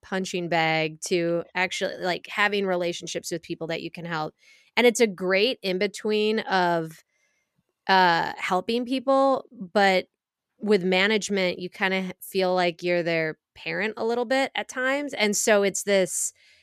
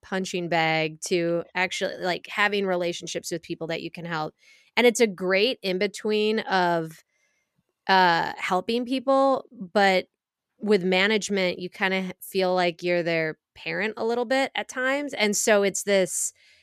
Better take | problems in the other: neither | none

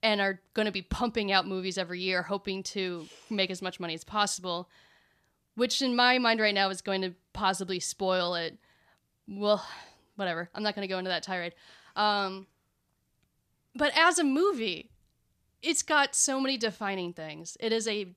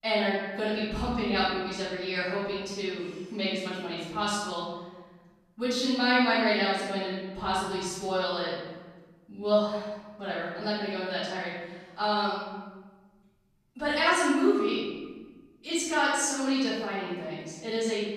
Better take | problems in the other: first | off-mic speech; far // room echo; strong; dies away in 1.2 s

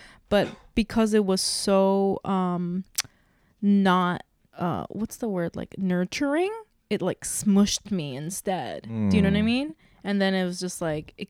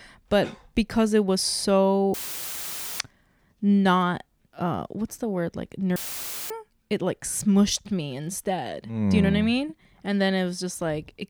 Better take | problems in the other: first | audio cutting out; filled with static; at 2 s for 1 s and at 6 s for 0.5 s

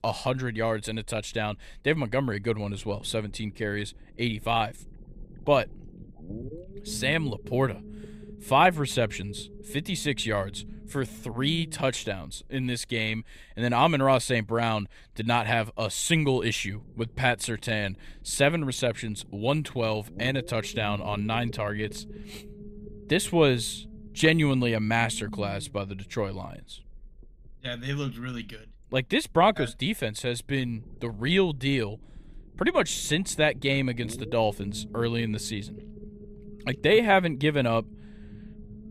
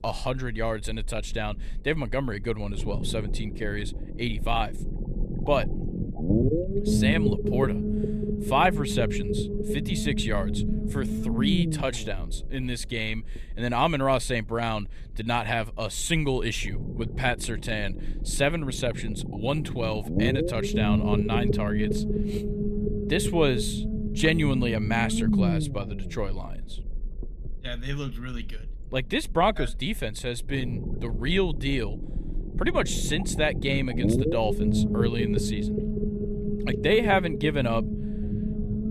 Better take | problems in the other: first | low rumble; loud; throughout; 6 dB below the speech; faint in the first

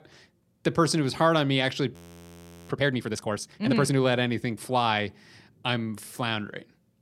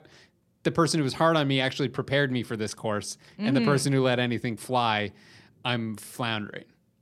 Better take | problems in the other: second | audio freezing; at 2 s for 1 s

